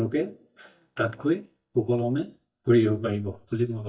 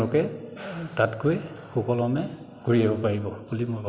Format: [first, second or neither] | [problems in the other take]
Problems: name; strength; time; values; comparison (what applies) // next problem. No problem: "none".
second | noise reduction (neural mask model DeepFilterNet 3)